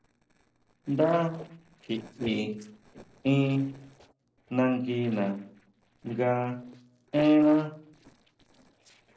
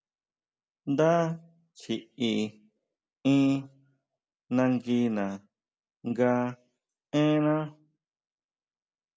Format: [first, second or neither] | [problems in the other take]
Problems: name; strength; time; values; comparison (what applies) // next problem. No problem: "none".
second | noise reduction (neural separator model SepFormer DNS4)